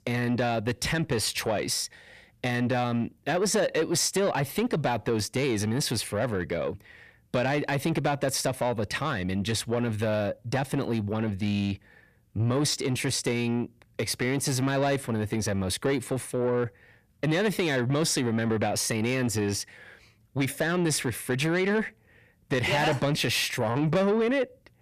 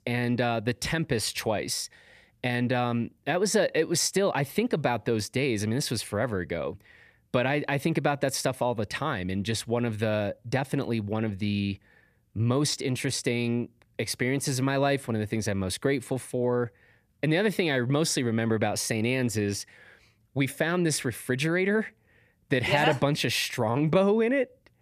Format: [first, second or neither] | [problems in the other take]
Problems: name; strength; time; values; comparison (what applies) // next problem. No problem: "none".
second | distortion; slight; 10 dB below the speech